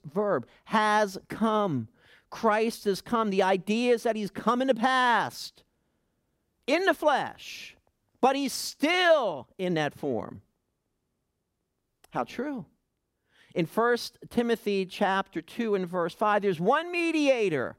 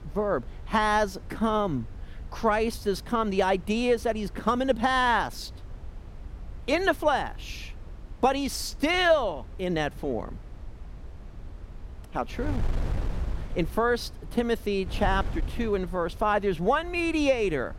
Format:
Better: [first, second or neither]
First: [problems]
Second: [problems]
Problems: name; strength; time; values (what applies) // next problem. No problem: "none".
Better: first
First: none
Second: wind noise on the microphone; occasional gusts; 25 dB below the speech